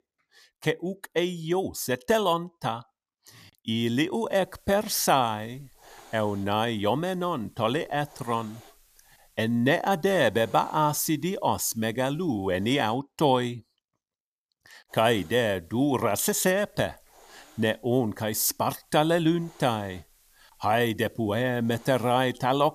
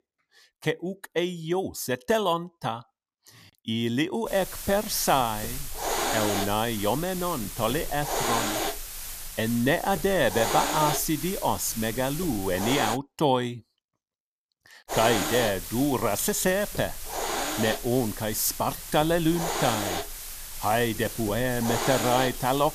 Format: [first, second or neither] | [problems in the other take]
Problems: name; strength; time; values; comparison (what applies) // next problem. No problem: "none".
first | hiss; loud; from 4.5 to 13 s and from 15 s on; 5 dB below the speech; faint in the first